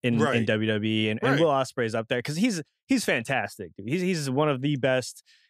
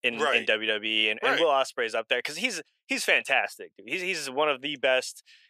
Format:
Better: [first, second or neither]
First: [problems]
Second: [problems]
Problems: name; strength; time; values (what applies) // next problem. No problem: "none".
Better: first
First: none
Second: thin; very; fading below 600 Hz